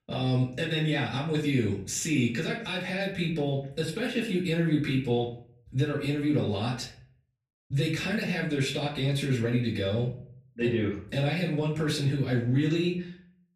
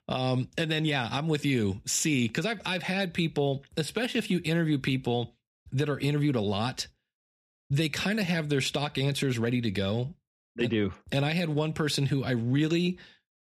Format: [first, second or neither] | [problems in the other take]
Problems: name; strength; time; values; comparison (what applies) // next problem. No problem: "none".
second | off-mic speech; far // room echo; slight; dies away in 0.4 s